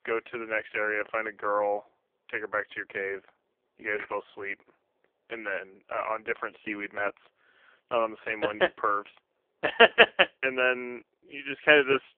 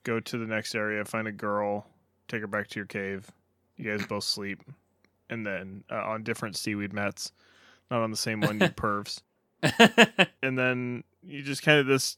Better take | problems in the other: second | phone-call audio; poor line; nothing above 3 kHz

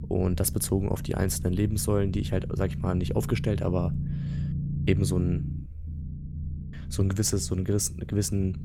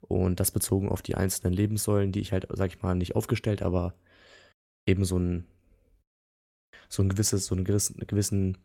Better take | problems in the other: second | low rumble; noticeable; throughout; 15 dB below the speech

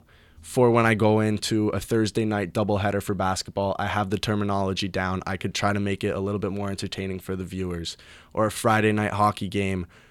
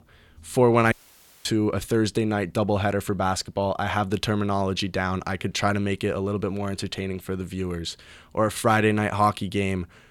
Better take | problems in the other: first | audio cutting out; at 1 s for 0.5 s

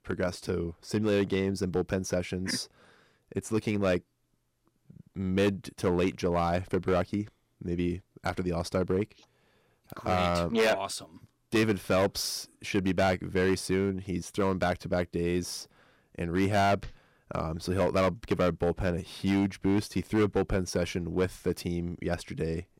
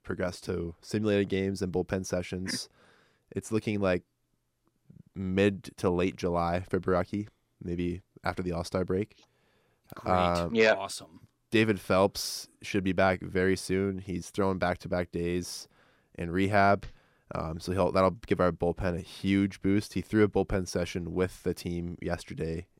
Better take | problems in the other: second | distortion; slight; 5% of the sound clipped

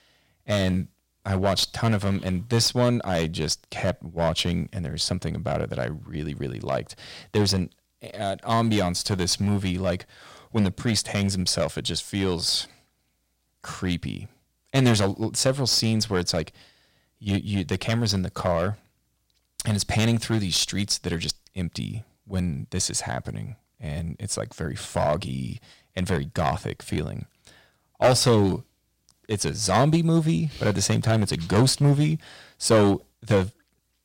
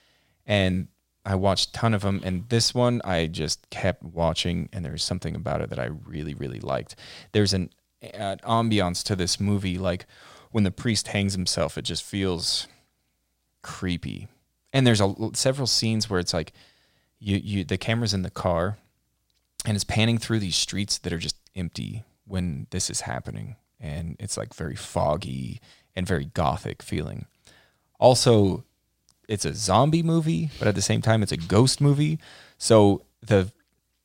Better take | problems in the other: second | distortion; slight; 3% of the sound clipped

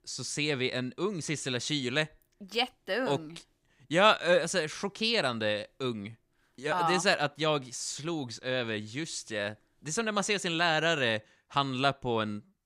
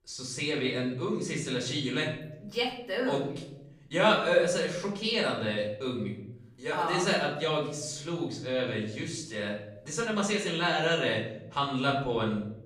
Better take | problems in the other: first | off-mic speech; far // room echo; noticeable; dies away in 0.9 s

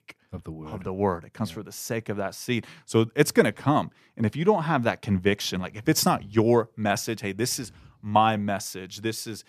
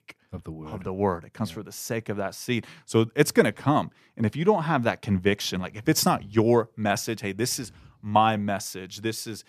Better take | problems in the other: neither | none

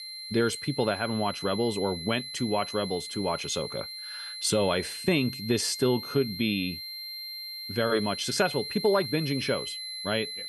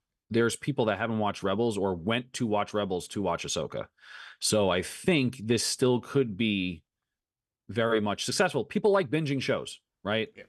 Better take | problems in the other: second | high-pitched whine; loud; throughout; 4 kHz, 7 dB below the speech

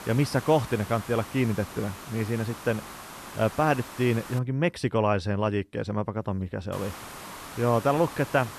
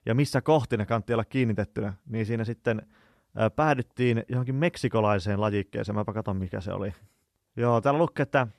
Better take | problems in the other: second | hiss; noticeable; until 4.5 s and from 6.5 s on; 15 dB below the speech

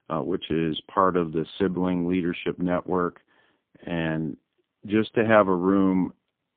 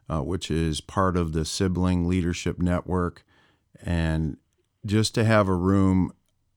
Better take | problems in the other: second | phone-call audio; poor line; nothing above 3 kHz

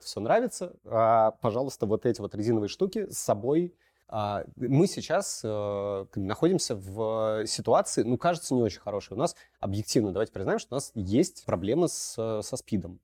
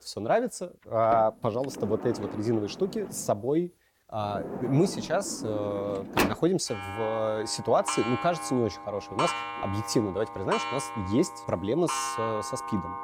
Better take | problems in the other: first | household noises; loud; throughout; 6 dB below the speech

